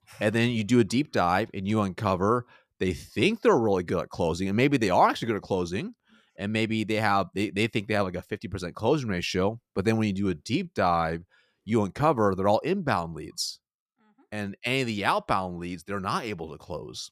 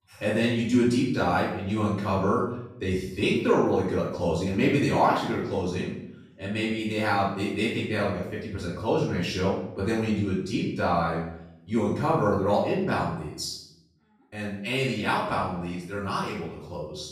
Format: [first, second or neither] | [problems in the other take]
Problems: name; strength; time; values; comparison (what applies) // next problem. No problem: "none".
first | off-mic speech; far // room echo; noticeable; dies away in 0.6 s